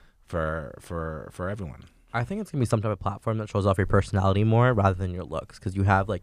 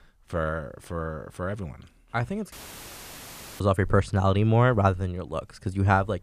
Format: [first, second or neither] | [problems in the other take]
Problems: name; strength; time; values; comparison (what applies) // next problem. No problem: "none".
first | audio cutting out; filled with static; at 2.5 s for 1 s